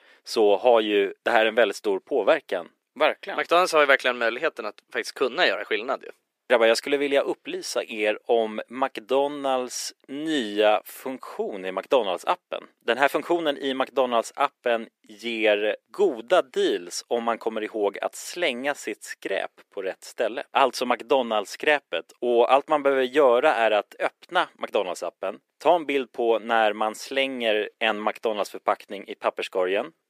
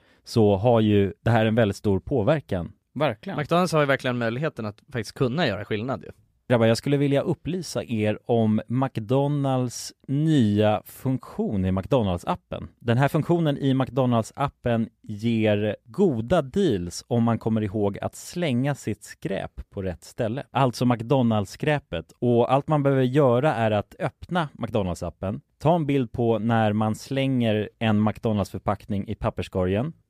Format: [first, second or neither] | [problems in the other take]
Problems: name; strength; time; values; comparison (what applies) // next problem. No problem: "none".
second | thin; very; fading below 350 Hz